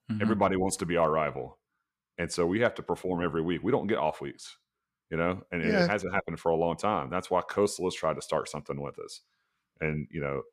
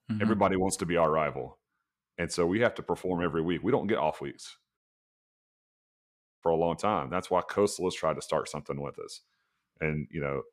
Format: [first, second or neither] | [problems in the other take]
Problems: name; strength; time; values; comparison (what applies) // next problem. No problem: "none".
first | audio cutting out; at 5 s for 1.5 s